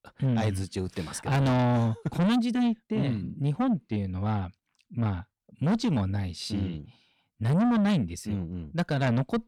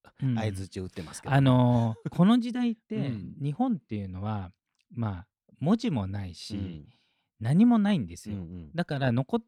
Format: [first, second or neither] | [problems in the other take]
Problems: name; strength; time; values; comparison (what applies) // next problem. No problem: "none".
second | distortion; heavy; 7 dB below the speech